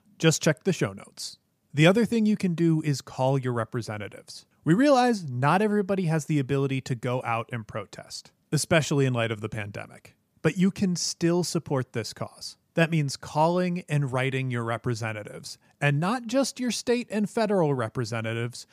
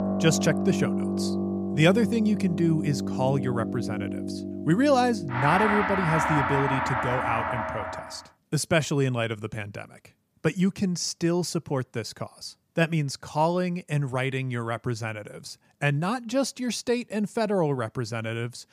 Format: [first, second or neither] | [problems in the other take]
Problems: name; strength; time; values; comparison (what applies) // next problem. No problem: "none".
first | background music; loud; until 8 s; 2 dB below the speech